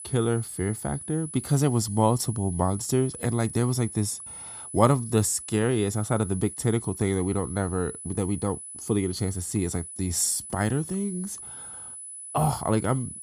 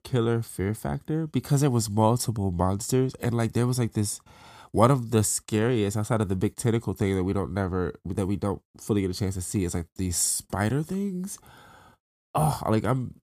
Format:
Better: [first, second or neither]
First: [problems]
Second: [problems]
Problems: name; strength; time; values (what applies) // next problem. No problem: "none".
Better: second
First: high-pitched whine; noticeable; throughout; 10 kHz, 10 dB below the speech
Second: none